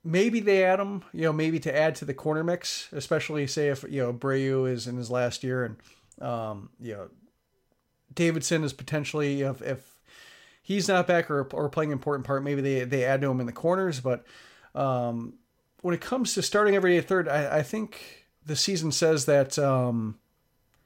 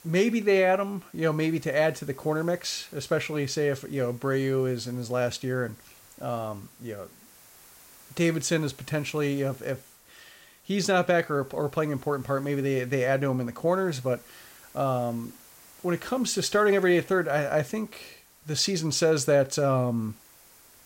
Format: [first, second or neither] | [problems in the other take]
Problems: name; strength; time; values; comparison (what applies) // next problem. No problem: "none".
first | hiss; faint; throughout; 25 dB below the speech